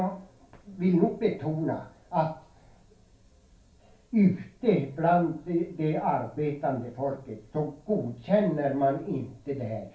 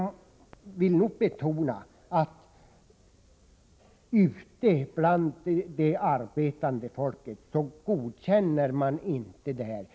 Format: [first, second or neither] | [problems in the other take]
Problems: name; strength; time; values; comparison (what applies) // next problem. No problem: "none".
second | room echo; dies away in 0.3 s